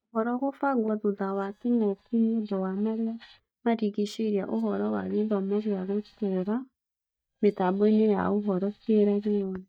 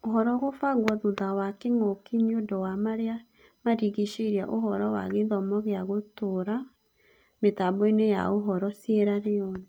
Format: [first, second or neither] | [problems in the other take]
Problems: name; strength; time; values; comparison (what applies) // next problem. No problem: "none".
second | noise reduction (neural mask model DeepFilterNet 3)